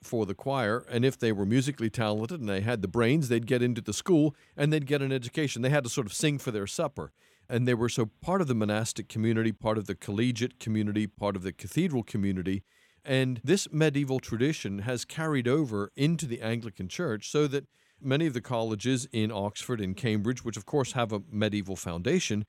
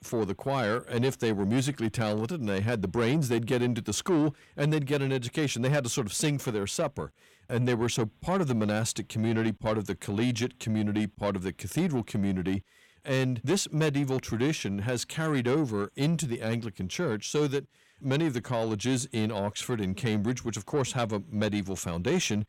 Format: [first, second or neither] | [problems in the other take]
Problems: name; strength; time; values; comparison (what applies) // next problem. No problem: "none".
first | distortion; slight; 10 dB below the speech